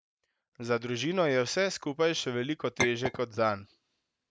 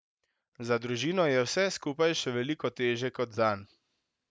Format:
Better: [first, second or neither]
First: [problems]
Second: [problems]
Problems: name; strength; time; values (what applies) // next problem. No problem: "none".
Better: second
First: background sound (Chink, clink); 5 dB below the speech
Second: none